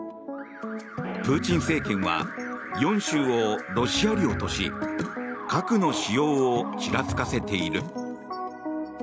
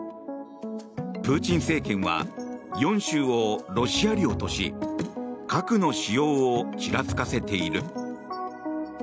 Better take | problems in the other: second | background sound (Alarm + Fart); 12 dB below the speech

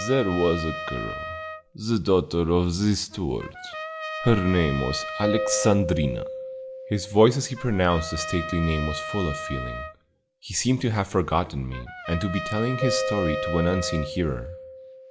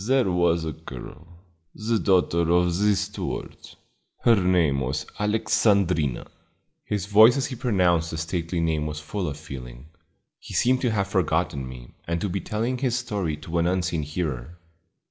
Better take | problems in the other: second | background sound (Keyboard (musical) + Trumpet); 8 dB below the speech

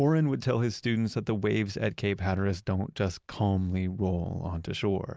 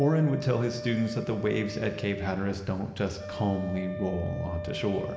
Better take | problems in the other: first | background sound (Wind instrument, woodwind instrument); 11 dB below the speech // room echo; dies away in 1.7 s

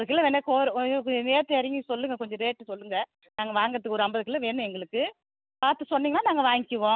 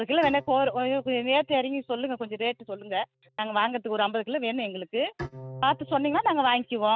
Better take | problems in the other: first | noise reduction (neural mask model RNNoise)

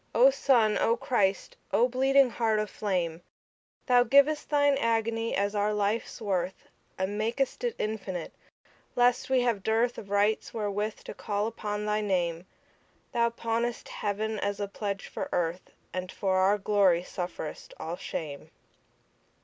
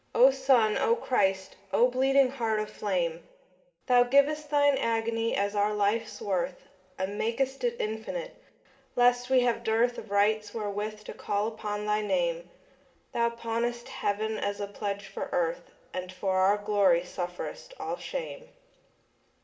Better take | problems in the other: first | room echo; dies away in 1.7 s

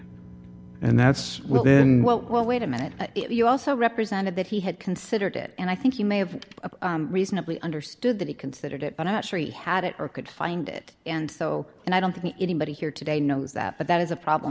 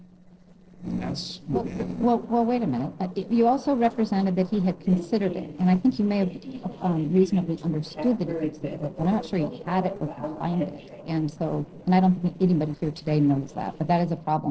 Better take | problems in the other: first | noise reduction (neural separator model SepFormer DNS4)

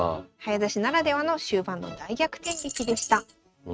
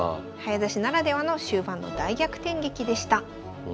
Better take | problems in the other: second | noise reduction (neural mask model RNNoise)

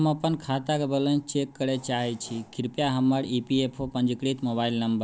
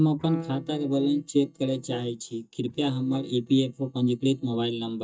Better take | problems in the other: first | noise reduction (neural mask model DeepFilterNet 3)

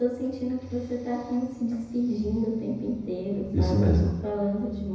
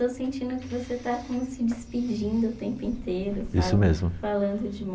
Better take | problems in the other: second | room echo; dies away in 1 s

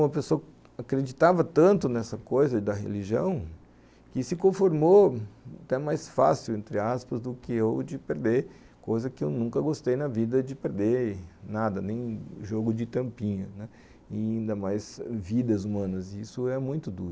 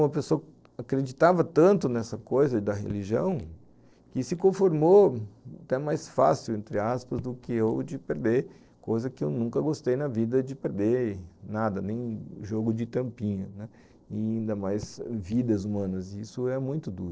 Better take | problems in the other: first | noise reduction (neural separator model SepFormer DNS4)

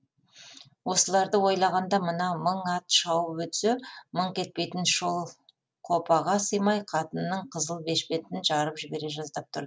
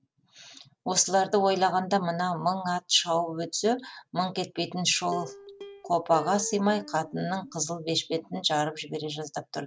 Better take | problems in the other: first | background sound (Plucked string instrument); 16 dB below the speech

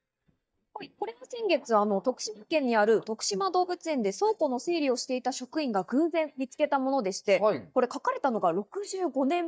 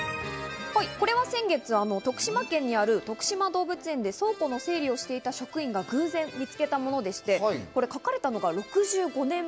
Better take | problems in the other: second | noise reduction (neural mask model DeepFilterNet 3)

